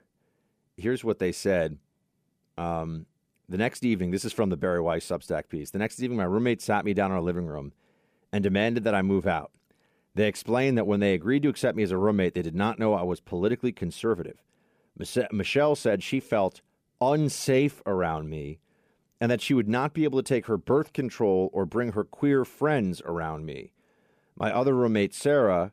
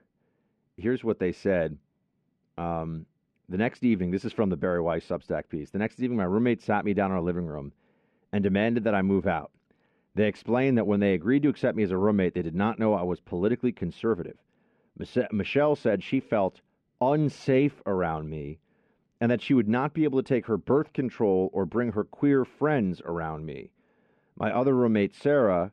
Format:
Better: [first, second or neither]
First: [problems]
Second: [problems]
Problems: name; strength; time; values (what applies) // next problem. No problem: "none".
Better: first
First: none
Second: muffled; slightly; fading above 3 kHz